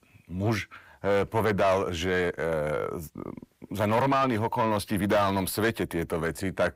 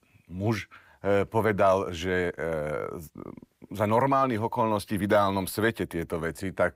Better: second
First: distortion; slight; 10 dB below the speech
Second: none

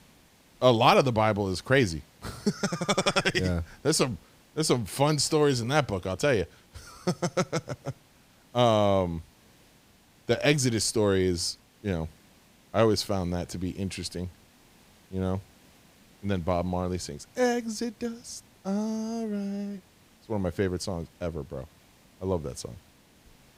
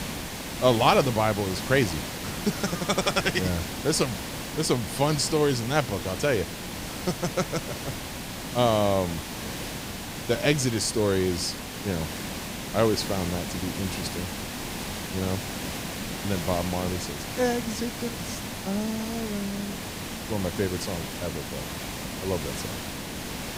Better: first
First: hiss; faint; throughout; 30 dB below the speech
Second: hiss; loud; throughout; 6 dB below the speech

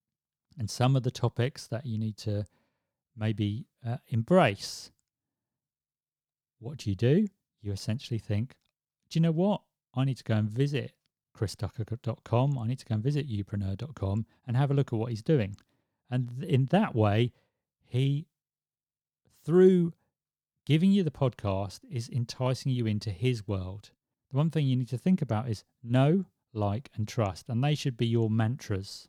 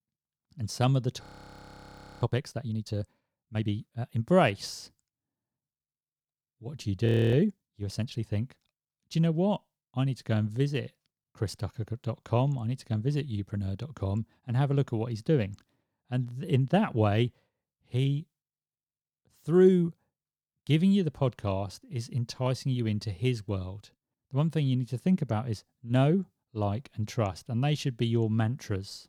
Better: first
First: none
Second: audio freezing; at 1 s for 1 s and at 7 s

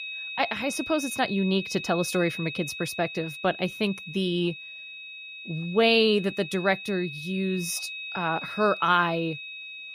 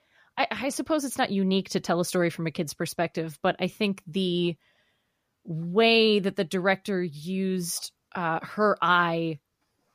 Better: second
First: high-pitched whine; loud; throughout; 2.5 kHz, 9 dB below the speech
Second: none

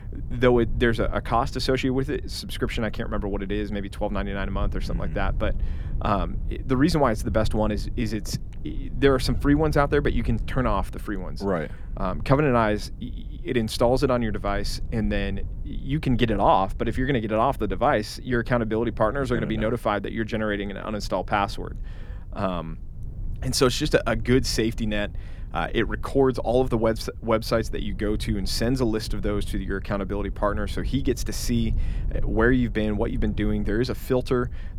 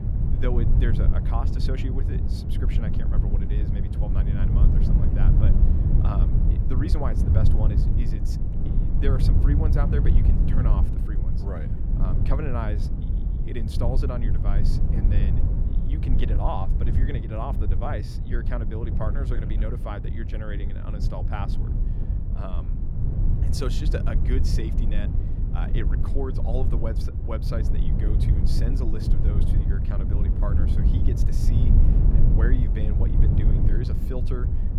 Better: first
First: low rumble; faint; throughout; 25 dB below the speech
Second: low rumble; loud; throughout; 1 dB below the speech

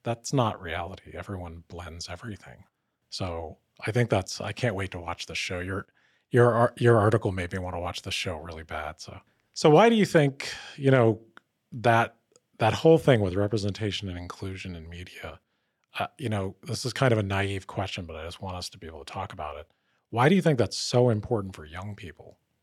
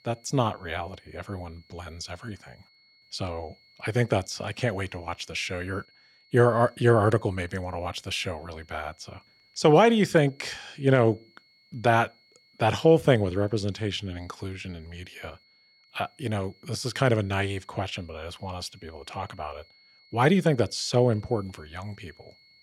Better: first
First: none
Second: high-pitched whine; faint; throughout; 4.5 kHz, 30 dB below the speech

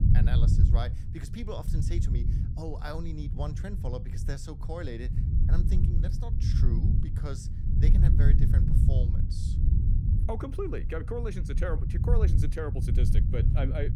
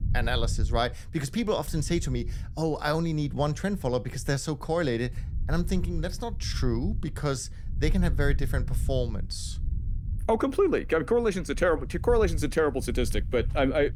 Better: second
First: low rumble; loud; throughout; 2 dB below the speech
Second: low rumble; faint; throughout; 20 dB below the speech

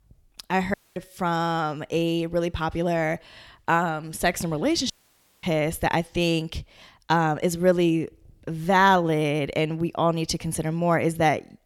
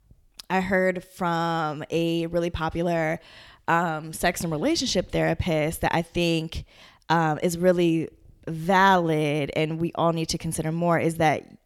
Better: second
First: audio cutting out; at 0.5 s and at 5 s for 0.5 s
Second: none

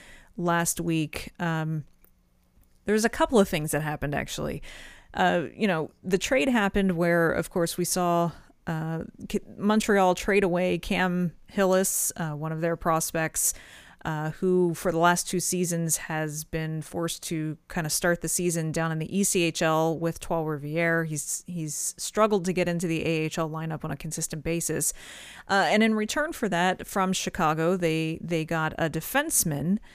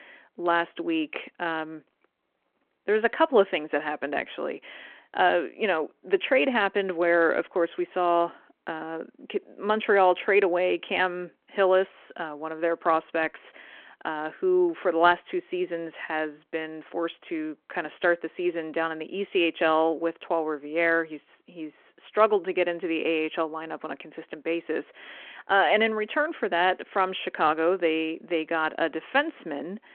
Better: first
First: none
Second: phone-call audio

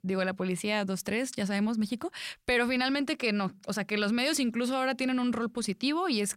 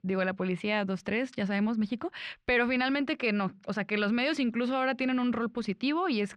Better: first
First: none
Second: muffled; slightly; fading above 2.5 kHz

